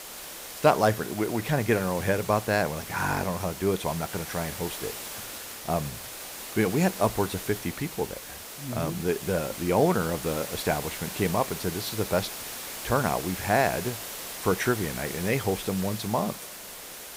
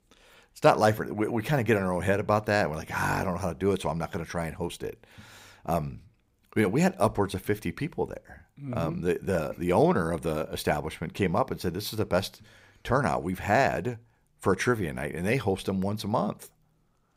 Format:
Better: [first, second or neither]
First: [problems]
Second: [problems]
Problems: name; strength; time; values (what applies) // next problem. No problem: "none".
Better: second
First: hiss; loud; throughout; 8 dB below the speech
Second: none